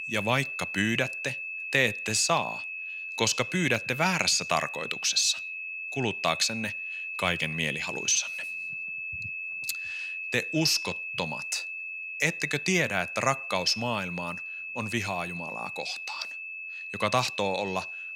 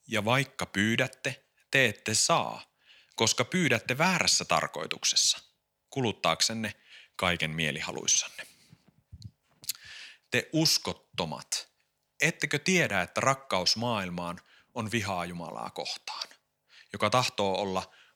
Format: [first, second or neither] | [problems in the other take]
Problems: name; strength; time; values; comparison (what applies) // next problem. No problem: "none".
second | high-pitched whine; loud; throughout; 2.5 kHz, 6 dB below the speech